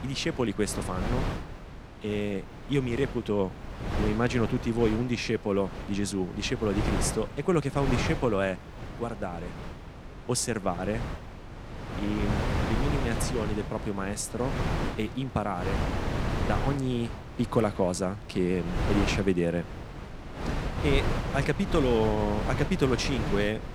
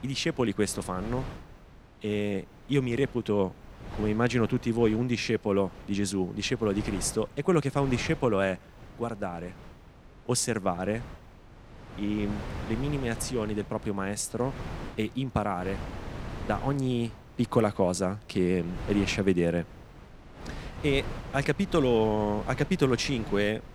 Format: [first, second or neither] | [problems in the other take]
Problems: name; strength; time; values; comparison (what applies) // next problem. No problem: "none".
second | wind noise on the microphone; heavy; 6 dB below the speech; occasional gusts in the second